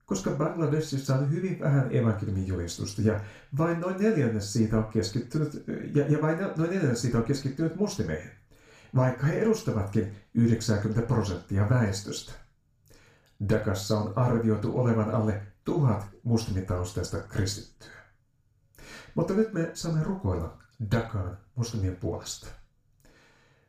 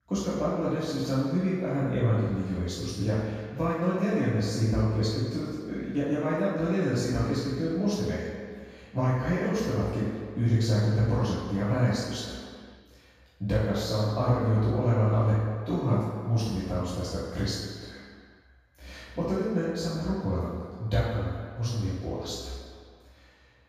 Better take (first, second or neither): first